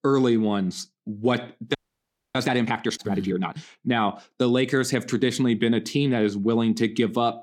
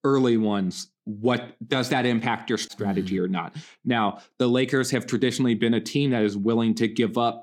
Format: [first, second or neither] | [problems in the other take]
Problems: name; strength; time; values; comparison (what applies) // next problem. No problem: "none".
second | audio freezing; at 2 s for 0.5 s